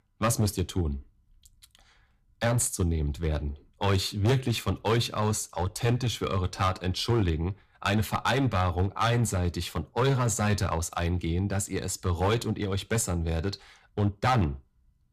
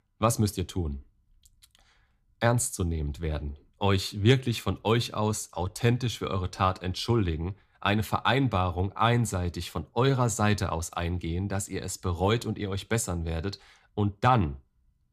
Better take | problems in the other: second | distortion; heavy; 5% of the sound clipped

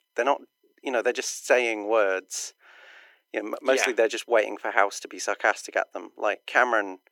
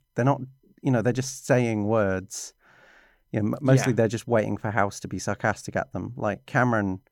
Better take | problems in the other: second | thin; very; fading below 350 Hz

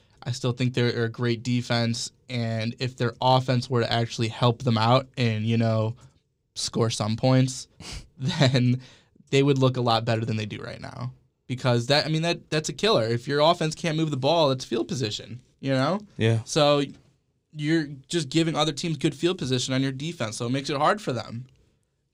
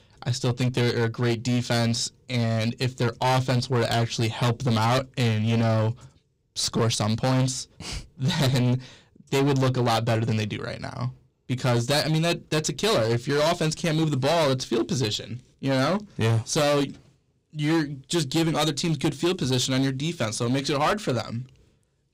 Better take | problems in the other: first | distortion; heavy; 15% of the sound clipped

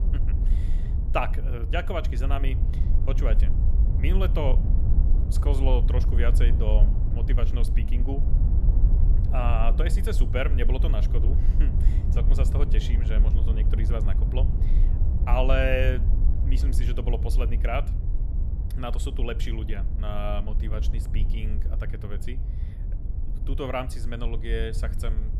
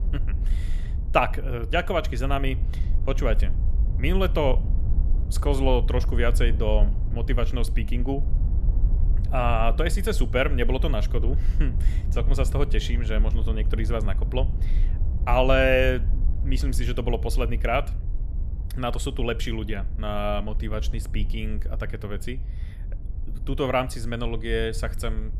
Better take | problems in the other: second | wind noise on the microphone; heavy; 10 dB below the speech; occasional gusts in the second

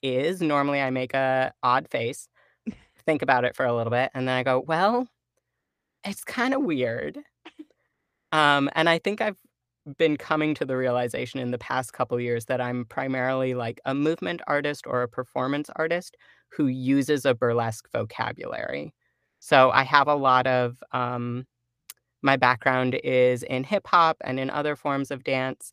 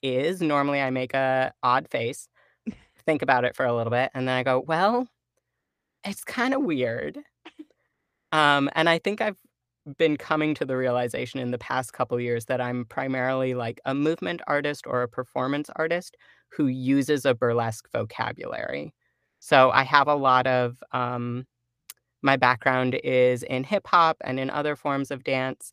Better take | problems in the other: neither | none

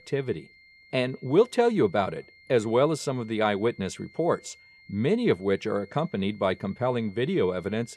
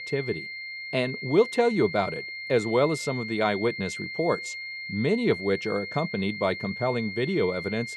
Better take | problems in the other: first | high-pitched whine; loud; throughout; 2 kHz, 8 dB below the speech; faint in the first

